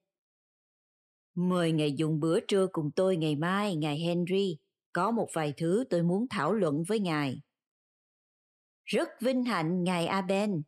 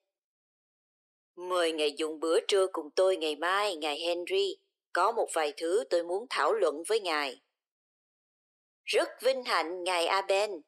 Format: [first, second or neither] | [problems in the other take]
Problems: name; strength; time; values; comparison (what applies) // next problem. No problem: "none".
first | thin; very; fading below 400 Hz